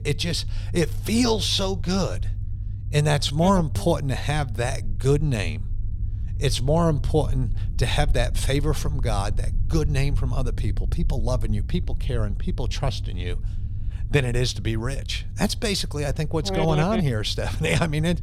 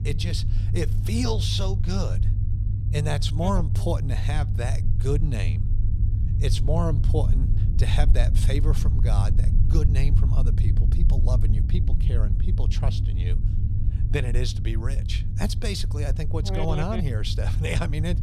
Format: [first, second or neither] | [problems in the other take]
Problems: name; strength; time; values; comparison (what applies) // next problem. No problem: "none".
first | low rumble; loud; throughout; 7 dB below the speech; faint in the first